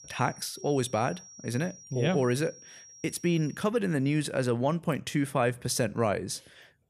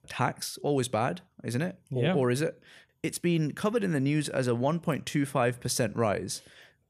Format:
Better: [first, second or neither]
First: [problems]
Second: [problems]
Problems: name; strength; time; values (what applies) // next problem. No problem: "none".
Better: second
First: high-pitched whine; noticeable; until 3.5 s; 5.5 kHz, 20 dB below the speech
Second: none